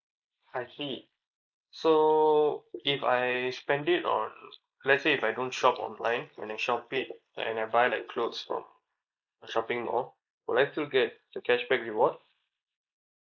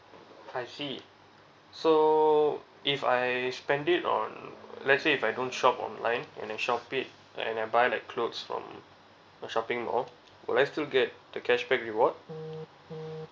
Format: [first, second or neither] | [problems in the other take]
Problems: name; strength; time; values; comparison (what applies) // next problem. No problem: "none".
second | noise reduction (neural mask model Resemble Enhance denoiser)